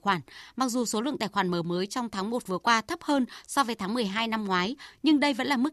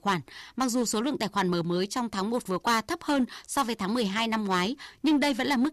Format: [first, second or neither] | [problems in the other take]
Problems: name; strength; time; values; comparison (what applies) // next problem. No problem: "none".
first | distortion; slight; 6% of the sound clipped